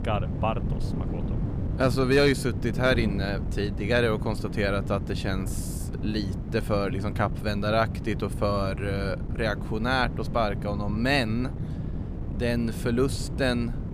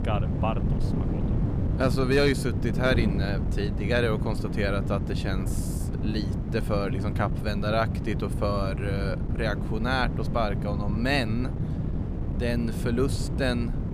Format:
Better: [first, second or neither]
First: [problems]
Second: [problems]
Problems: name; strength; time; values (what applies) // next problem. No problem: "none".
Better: first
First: wind noise on the microphone; occasional gusts; 15 dB below the speech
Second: wind noise on the microphone; heavy; 9 dB below the speech